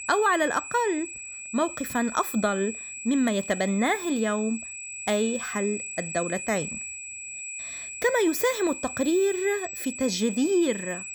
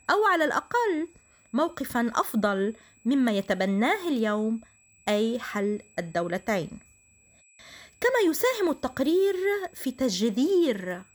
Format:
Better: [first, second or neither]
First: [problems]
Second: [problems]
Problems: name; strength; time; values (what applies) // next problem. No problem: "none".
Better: second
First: high-pitched whine; loud; throughout; 8 kHz, 8 dB below the speech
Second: high-pitched whine; faint; throughout; 8 kHz, 30 dB below the speech